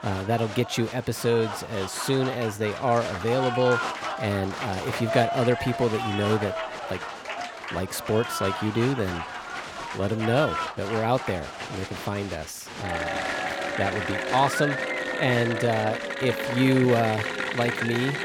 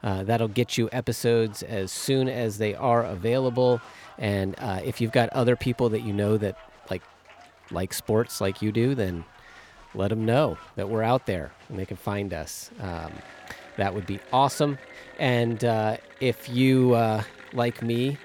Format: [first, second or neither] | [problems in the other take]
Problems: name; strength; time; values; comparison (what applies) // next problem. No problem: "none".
second | crowd noise; loud; throughout; 4 dB below the speech; faint in the second